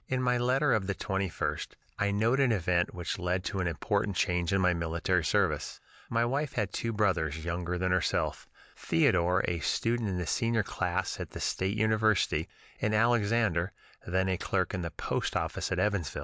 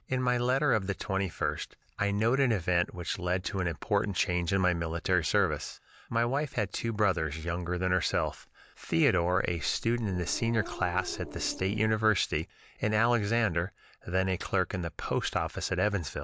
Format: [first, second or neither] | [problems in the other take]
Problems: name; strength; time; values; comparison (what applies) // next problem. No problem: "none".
first | background sound (Growling); 13 dB below the speech